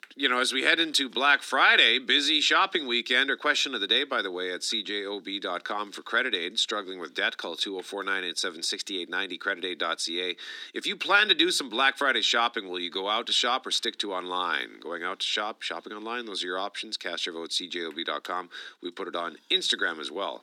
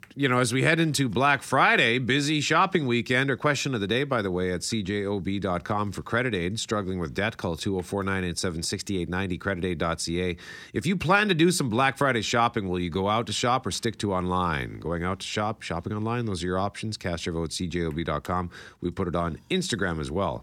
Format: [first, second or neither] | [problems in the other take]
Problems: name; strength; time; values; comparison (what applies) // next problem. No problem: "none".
second | thin; somewhat; fading below 250 Hz